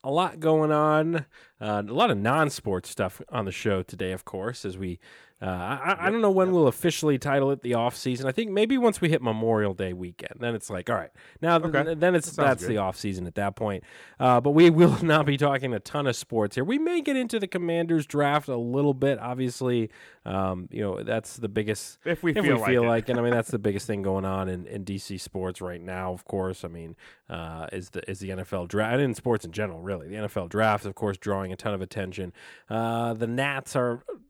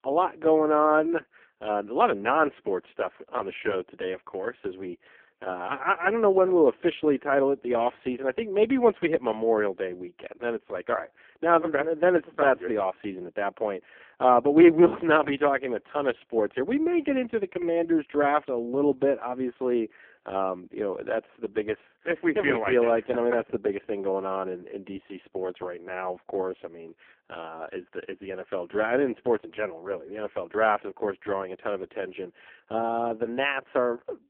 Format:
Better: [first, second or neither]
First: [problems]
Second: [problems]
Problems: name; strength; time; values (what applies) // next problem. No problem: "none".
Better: first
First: none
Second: phone-call audio; poor line